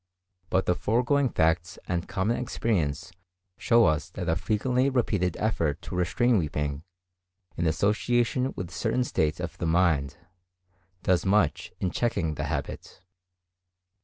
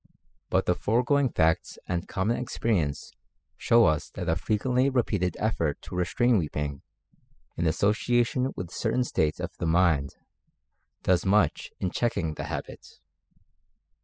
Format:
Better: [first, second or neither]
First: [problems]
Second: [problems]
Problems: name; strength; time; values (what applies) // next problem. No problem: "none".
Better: first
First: none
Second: noise reduction (classical method spectral subtraction)